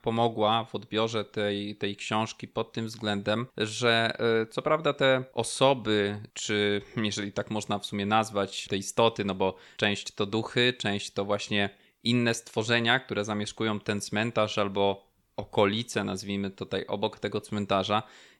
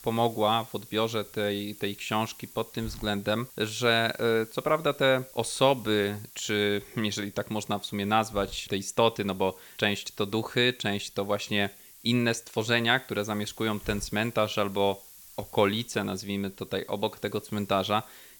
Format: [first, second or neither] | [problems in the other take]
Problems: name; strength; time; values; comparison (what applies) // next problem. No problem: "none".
first | hiss; noticeable; throughout; 20 dB below the speech